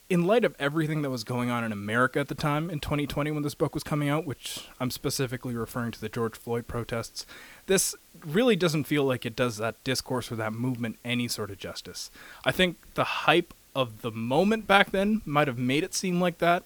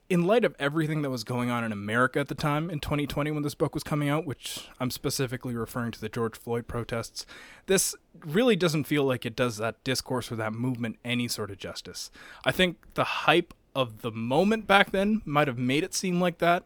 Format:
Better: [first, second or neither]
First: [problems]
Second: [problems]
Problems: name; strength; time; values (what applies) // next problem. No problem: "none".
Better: second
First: hiss; faint; throughout; 25 dB below the speech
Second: none